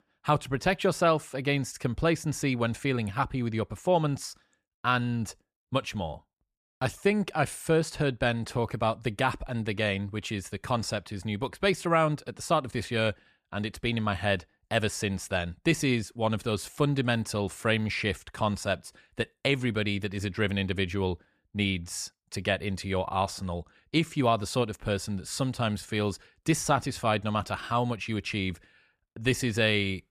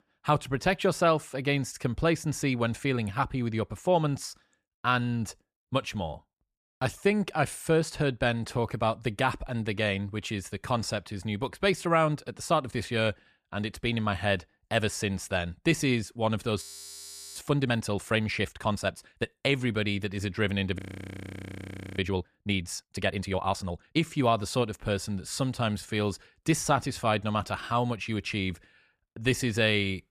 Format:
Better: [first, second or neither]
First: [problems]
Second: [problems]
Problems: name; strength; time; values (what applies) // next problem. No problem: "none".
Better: first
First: none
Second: audio freezing; at 17 s for 0.5 s and at 21 s for 1 s